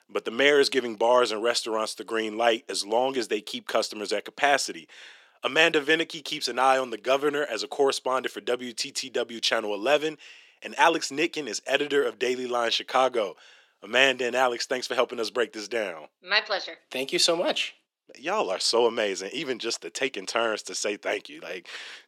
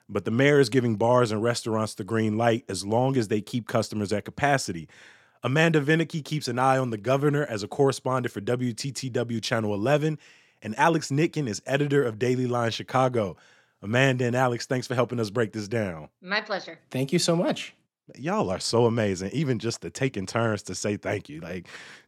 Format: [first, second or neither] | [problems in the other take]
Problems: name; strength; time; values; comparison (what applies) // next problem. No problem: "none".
second | thin; somewhat; fading below 350 Hz